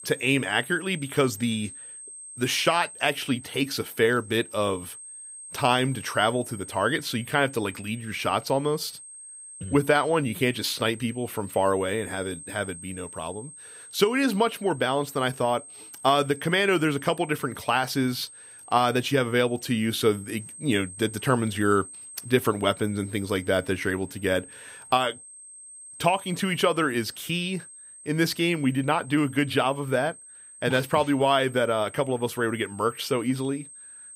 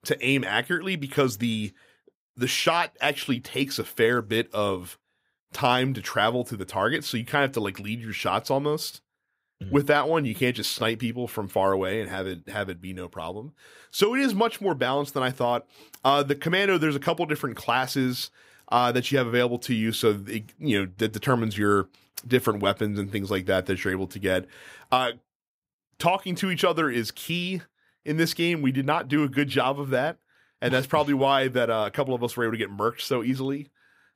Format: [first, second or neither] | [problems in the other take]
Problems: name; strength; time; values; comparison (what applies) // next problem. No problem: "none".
second | high-pitched whine; noticeable; throughout; 8.5 kHz, 15 dB below the speech